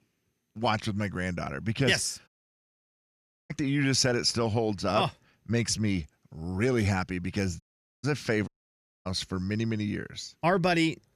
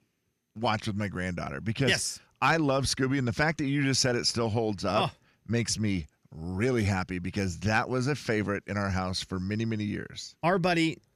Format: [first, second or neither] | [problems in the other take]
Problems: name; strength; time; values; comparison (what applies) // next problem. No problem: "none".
second | audio cutting out; at 2.5 s for 1 s, at 7.5 s and at 8.5 s for 0.5 s